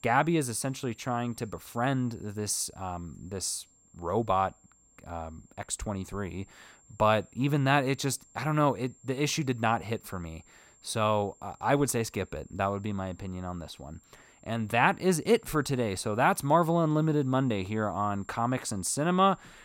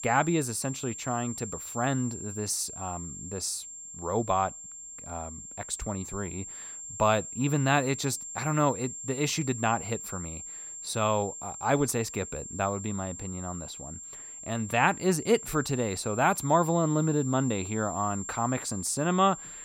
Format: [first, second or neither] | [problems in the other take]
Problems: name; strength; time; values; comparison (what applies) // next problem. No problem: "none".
first | high-pitched whine; loud; throughout; 7.5 kHz, 9 dB below the speech; faint in the first